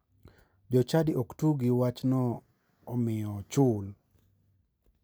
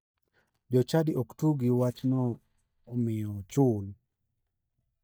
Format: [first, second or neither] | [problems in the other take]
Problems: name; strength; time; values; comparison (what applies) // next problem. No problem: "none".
first | noise reduction (neural mask model DeepFilterNet 3)